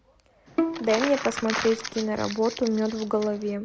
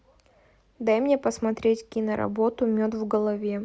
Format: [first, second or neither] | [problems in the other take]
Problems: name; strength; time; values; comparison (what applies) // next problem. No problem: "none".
second | background sound (Crumpling, crinkling + Bowed string instrument); 6 dB below the speech